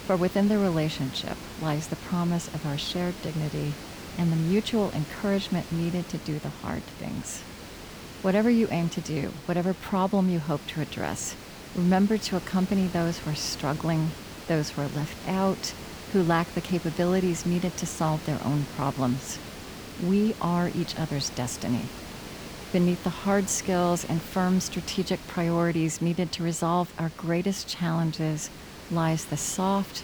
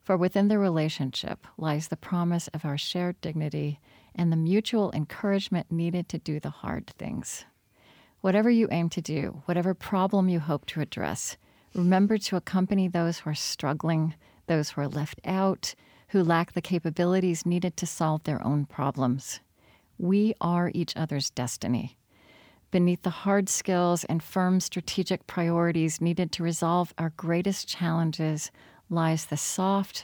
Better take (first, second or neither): second